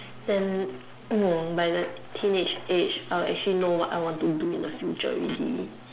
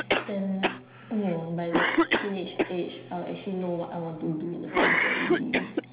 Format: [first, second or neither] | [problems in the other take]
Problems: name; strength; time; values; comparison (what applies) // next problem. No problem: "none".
first | background sound (Cough); 3 dB above the speech // room echo; dies away in 0.9 s